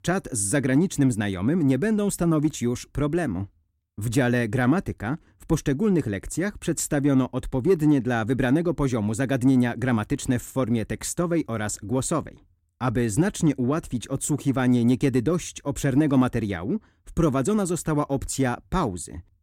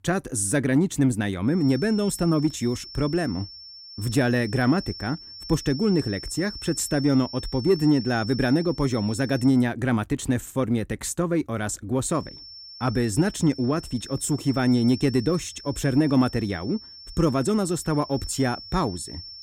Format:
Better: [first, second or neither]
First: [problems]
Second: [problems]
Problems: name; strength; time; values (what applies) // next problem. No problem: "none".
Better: first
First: none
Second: high-pitched whine; noticeable; from 1.5 to 9.5 s and from 12 s on; 5.5 kHz, 15 dB below the speech